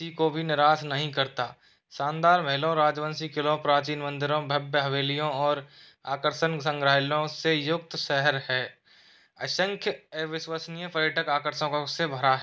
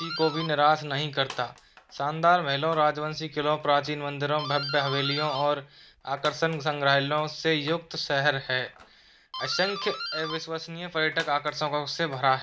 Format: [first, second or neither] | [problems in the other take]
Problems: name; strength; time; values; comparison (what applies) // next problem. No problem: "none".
first | background sound (Doorbell); 13 dB below the speech